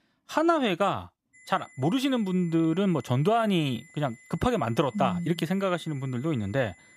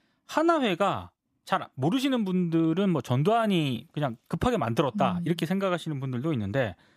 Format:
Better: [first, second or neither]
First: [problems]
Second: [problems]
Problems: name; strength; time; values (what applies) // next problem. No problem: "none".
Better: second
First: high-pitched whine; faint; from 1.5 s on; 2 kHz, 25 dB below the speech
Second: none